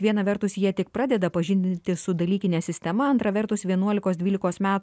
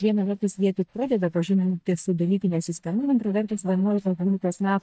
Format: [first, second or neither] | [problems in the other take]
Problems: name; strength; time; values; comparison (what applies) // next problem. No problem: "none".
first | noise reduction (neural mask model DeepFilterNet 3)